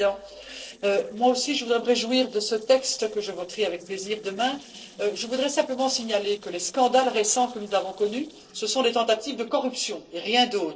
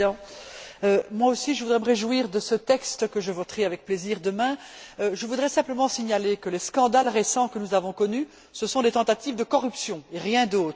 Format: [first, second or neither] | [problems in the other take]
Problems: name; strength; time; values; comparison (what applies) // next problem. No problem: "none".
second | noise reduction (neural separator model SepFormer DNS4)